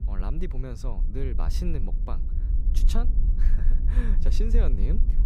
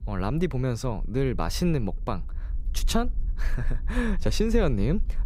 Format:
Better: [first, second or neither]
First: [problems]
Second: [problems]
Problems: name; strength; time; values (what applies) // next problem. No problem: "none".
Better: second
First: low rumble; loud; throughout; 8 dB below the speech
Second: low rumble; faint; throughout; 25 dB below the speech